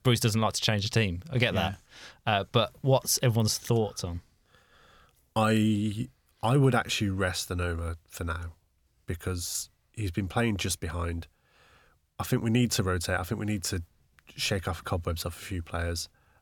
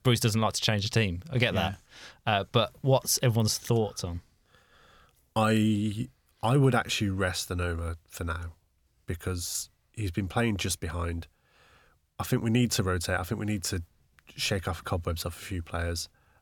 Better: neither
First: none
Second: none

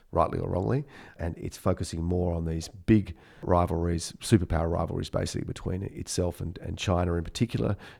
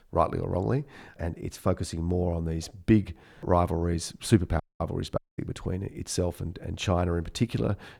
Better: first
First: none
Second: audio cutting out; at 4.5 s and at 5 s

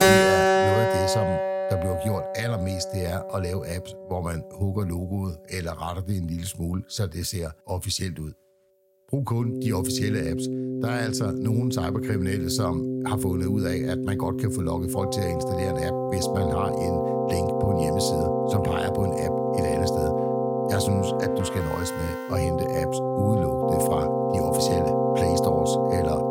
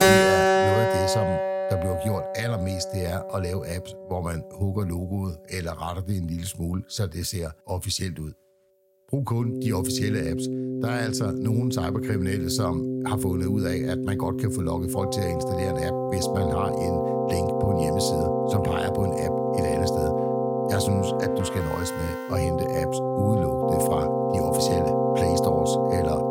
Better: neither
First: background music; very loud; throughout; 4 dB above the speech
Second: background music; very loud; throughout; 4 dB above the speech

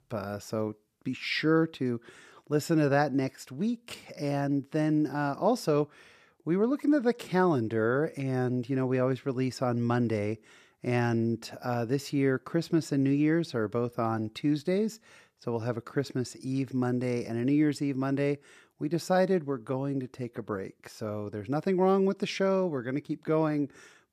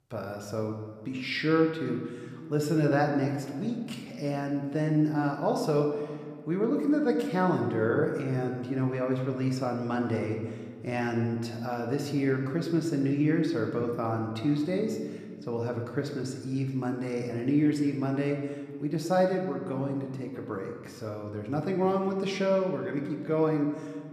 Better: first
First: none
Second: room echo; slight; dies away in 1.4 s

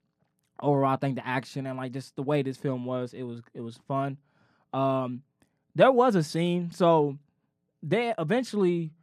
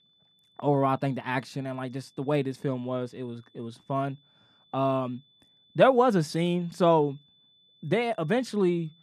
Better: first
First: none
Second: high-pitched whine; faint; throughout; 3.5 kHz, 35 dB below the speech

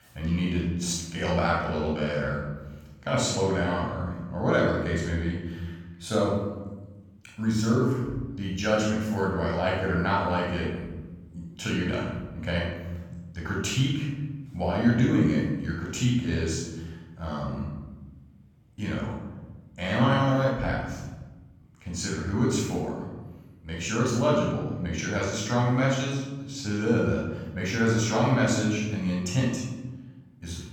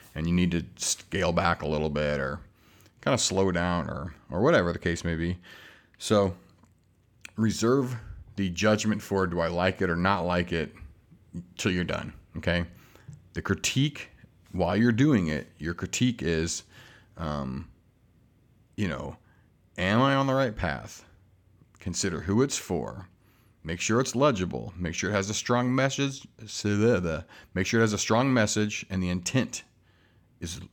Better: second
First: off-mic speech; far // room echo; noticeable; dies away in 1.2 s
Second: none

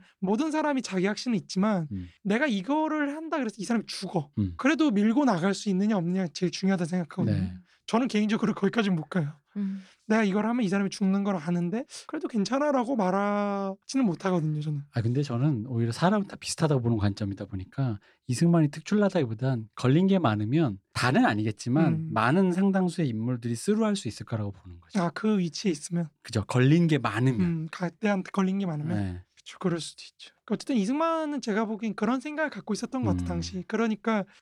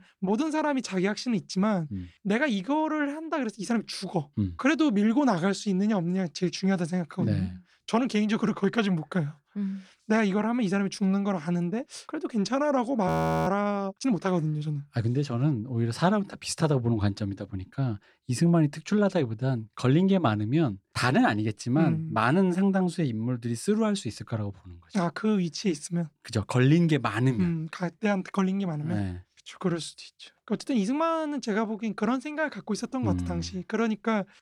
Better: first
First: none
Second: audio freezing; at 13 s

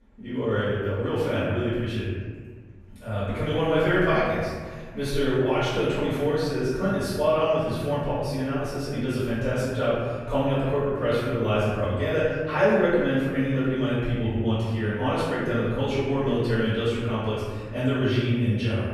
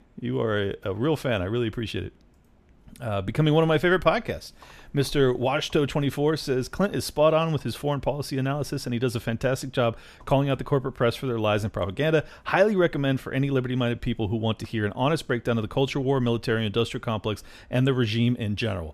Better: second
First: off-mic speech; far // room echo; strong; dies away in 1.5 s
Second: none

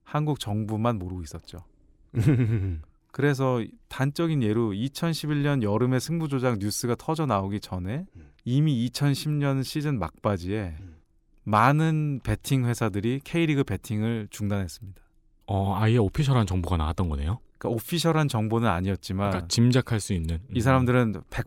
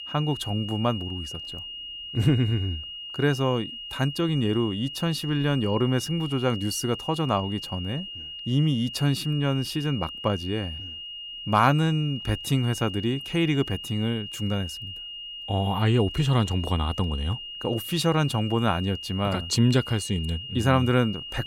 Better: first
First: none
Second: high-pitched whine; loud; throughout; 3 kHz, 9 dB below the speech

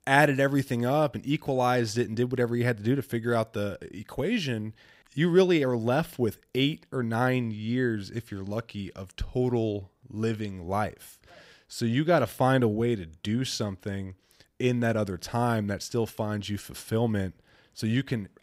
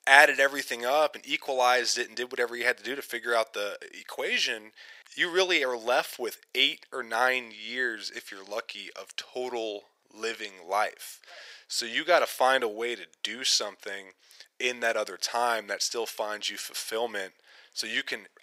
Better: first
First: none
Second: thin; very; fading below 500 Hz

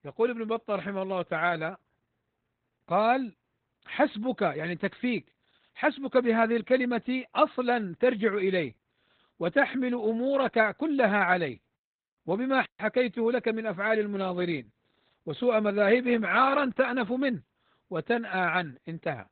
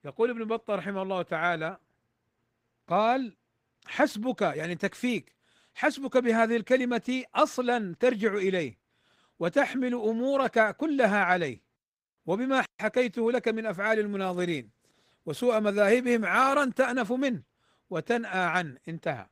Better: second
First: garbled, watery; badly; nothing above 4 kHz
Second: garbled, watery; slightly; nothing above 15.5 kHz

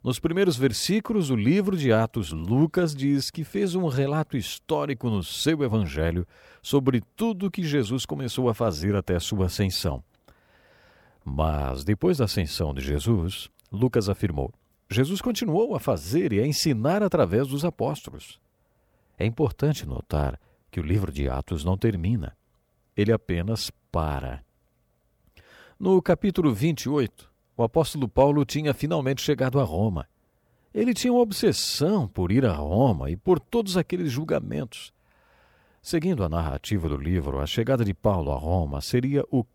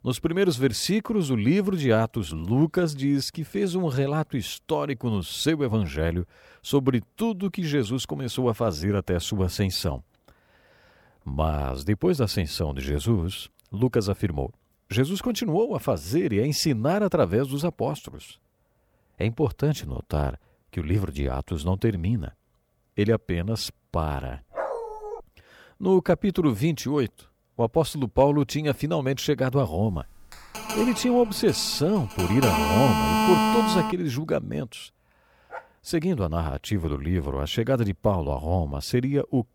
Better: first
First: none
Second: dog barking; noticeable; at 25 s; peak 6 dB below the speech // phone ringing; loud; from 30 to 34 s; peak 5 dB above the speech // dog barking; faint; at 36 s; peak 15 dB below the speech

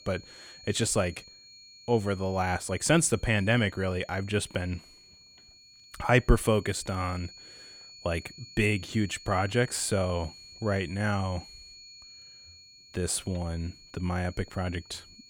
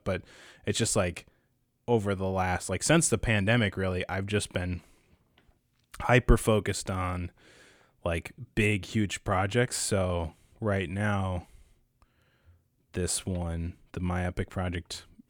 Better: second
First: high-pitched whine; noticeable; throughout; 4.5 kHz, 20 dB below the speech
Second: none

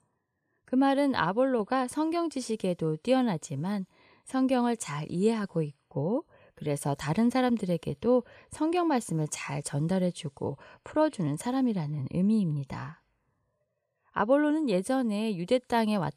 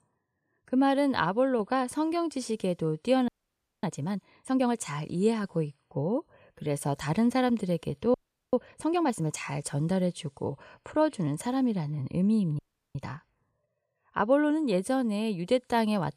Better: first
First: none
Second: audio freezing; at 3.5 s for 0.5 s, at 8 s and at 13 s

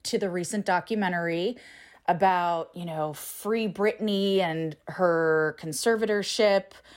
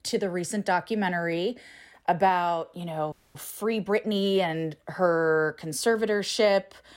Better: first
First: none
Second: audio freezing; at 3 s

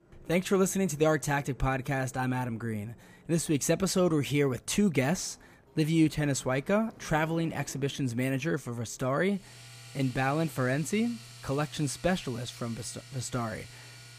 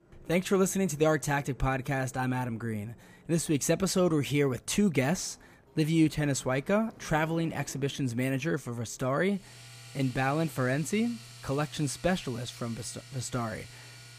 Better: neither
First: household noises; faint; throughout; 20 dB below the speech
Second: household noises; faint; throughout; 20 dB below the speech

